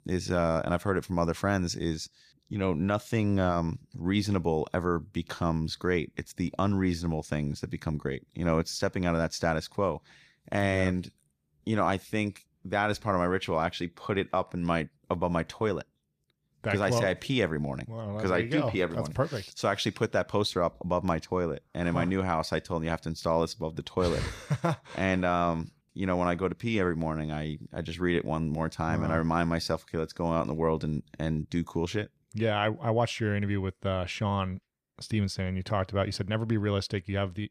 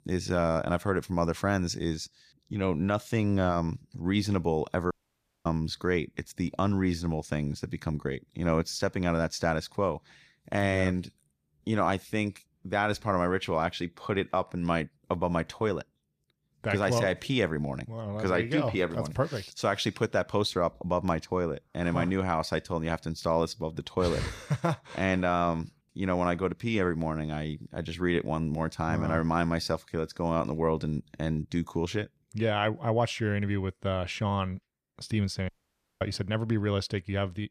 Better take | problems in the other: first | audio cutting out; at 5 s for 0.5 s and at 35 s for 0.5 s

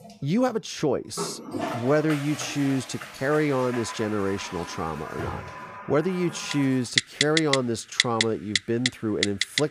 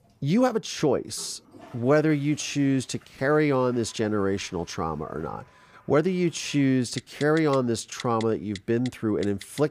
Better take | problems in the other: second | household noises; loud; throughout; 3 dB below the speech; faint in the second

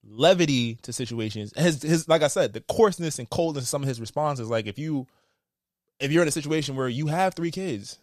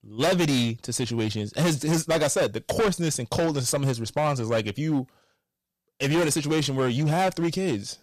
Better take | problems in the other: first | distortion; heavy; 14% of the sound clipped

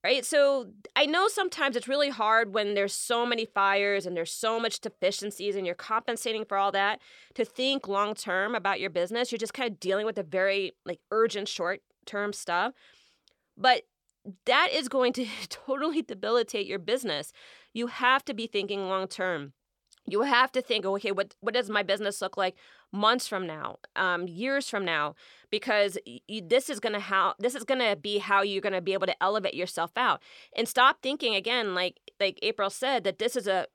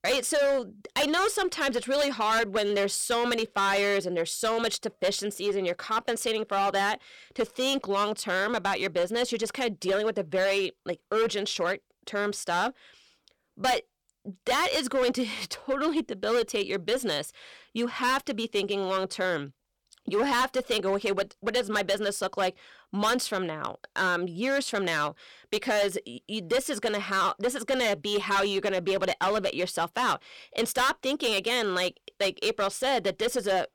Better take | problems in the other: first | distortion; heavy; 11% of the sound clipped

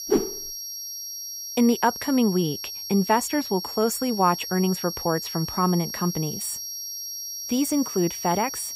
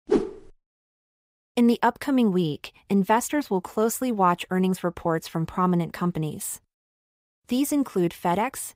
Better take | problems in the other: second | high-pitched whine; loud; throughout; 5.5 kHz, 7 dB below the speech

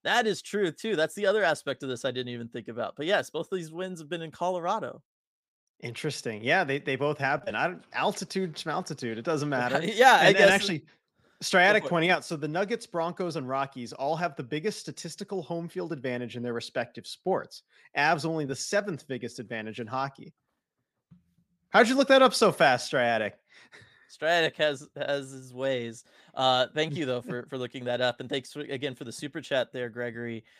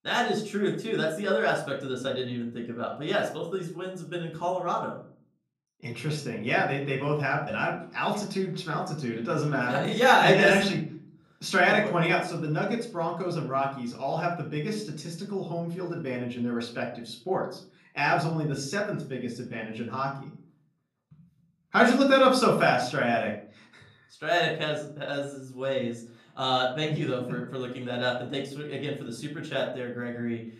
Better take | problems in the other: first | off-mic speech; somewhat distant // room echo; slight; dies away in 0.5 s

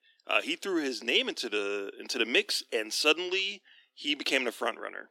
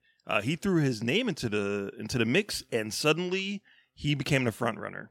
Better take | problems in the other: second | thin; somewhat; fading below 300 Hz

